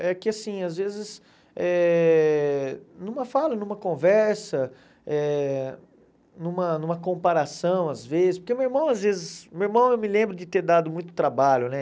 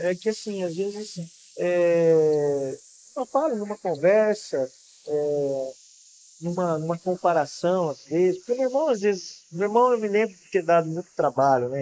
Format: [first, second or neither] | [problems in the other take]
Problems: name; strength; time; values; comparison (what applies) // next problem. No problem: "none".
first | noise reduction (neural mask model Resemble Enhance denoiser)